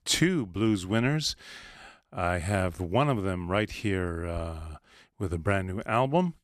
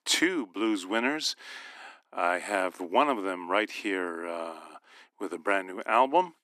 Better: first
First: none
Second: thin; somewhat; fading below 250 Hz

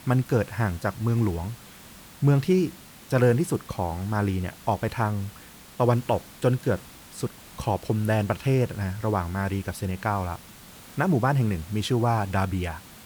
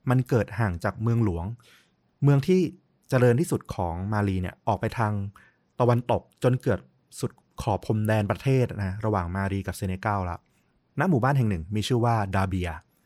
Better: second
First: hiss; noticeable; throughout; 20 dB below the speech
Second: none

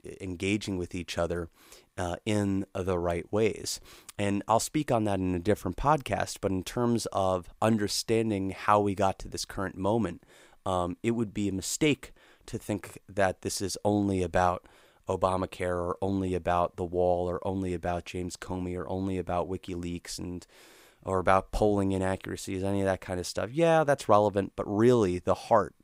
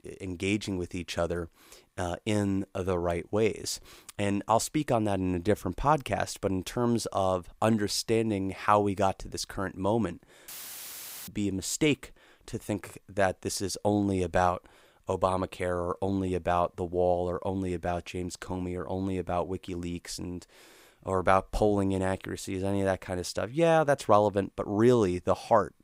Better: first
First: none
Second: audio cutting out; filled with static; at 10 s for 1 s

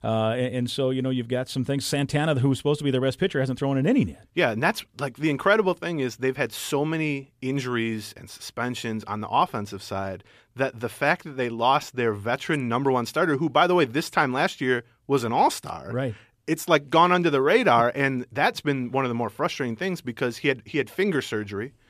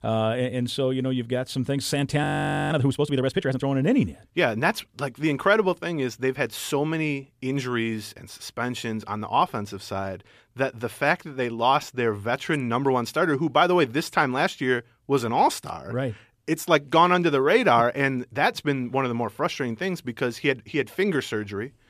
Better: first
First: none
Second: audio freezing; at 2 s

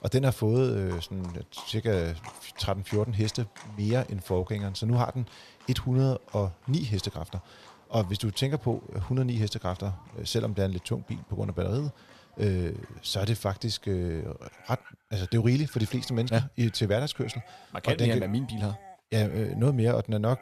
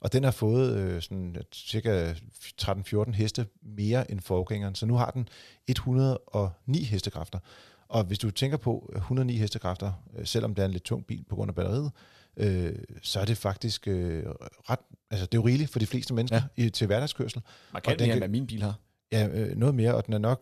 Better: second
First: animal sounds; faint; throughout; 25 dB below the speech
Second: none

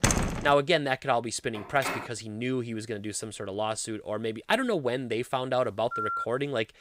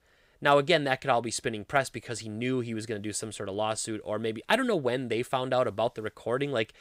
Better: second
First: door banging; loud; at the start; peak 4 dB above the speech // phone ringing; noticeable; at 1.5 s and at 6 s; peak 2 dB below the speech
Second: none

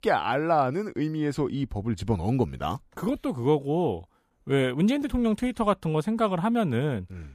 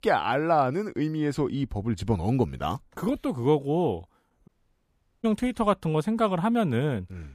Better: first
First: none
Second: audio cutting out; at 4.5 s for 1 s

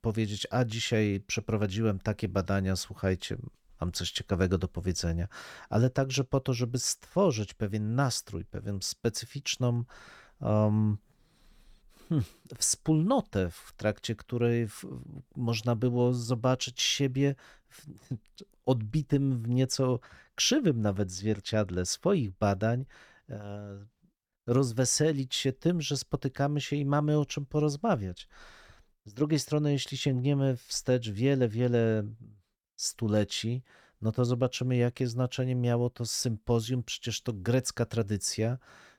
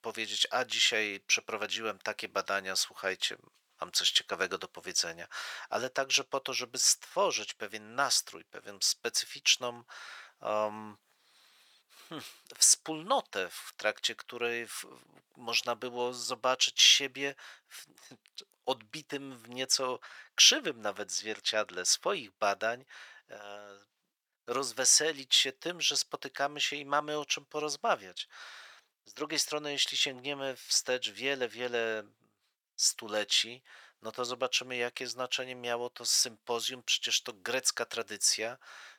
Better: first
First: none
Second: thin; very; fading below 800 Hz

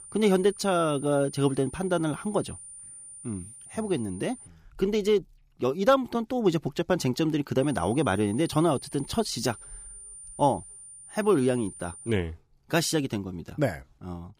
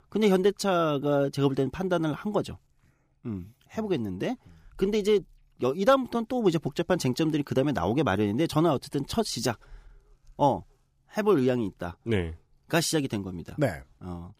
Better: second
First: high-pitched whine; noticeable; until 4.5 s and from 7.5 to 12 s; 9 kHz, 15 dB below the speech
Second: none

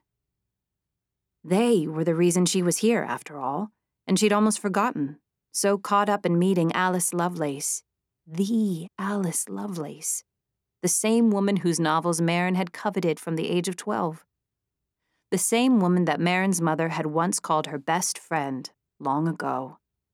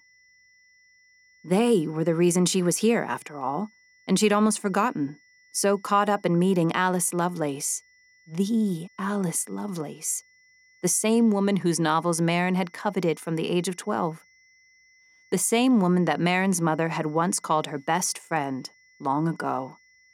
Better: first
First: none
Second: high-pitched whine; faint; throughout; 2 kHz, 30 dB below the speech

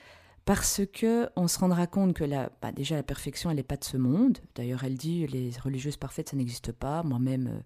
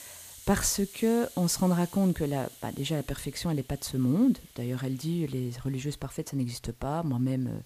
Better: first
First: none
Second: hiss; noticeable; throughout; 20 dB below the speech

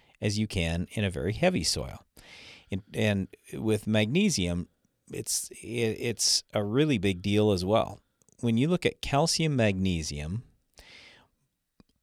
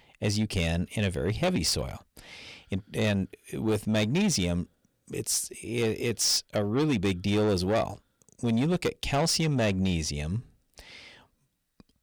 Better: first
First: none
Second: distortion; slight; 10 dB below the speech

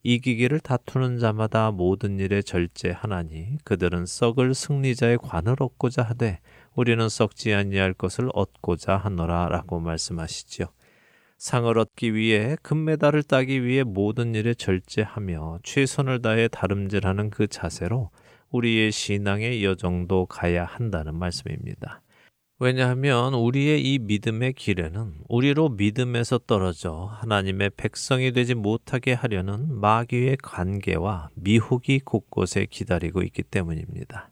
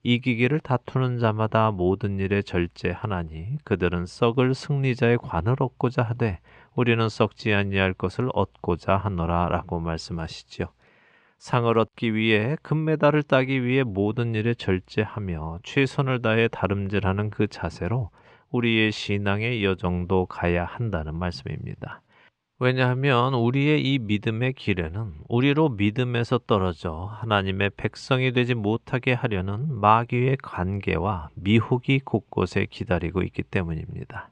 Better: first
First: none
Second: muffled; slightly; fading above 3.5 kHz

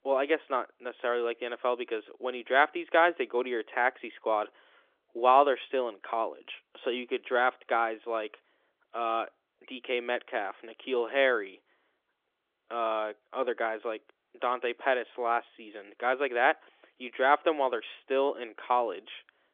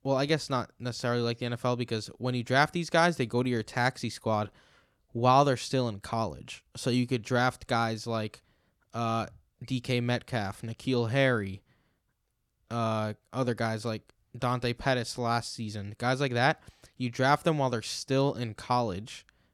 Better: second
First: phone-call audio; nothing above 3.5 kHz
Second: none

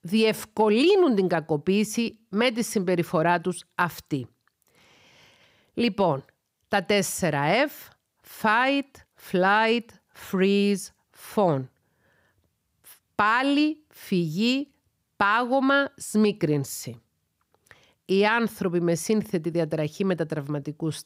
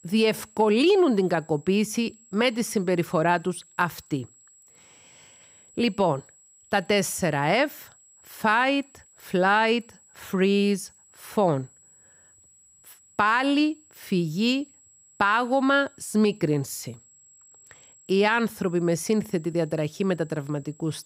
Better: first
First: none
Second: high-pitched whine; faint; throughout; 7.5 kHz, 30 dB below the speech

